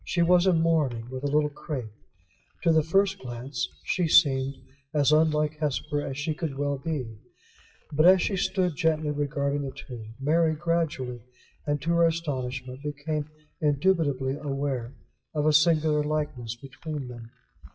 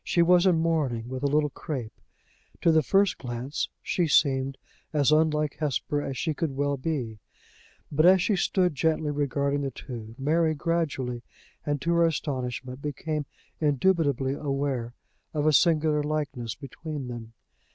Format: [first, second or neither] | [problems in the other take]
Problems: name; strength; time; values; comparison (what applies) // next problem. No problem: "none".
second | noise reduction (classical method WPE with log-MMSE)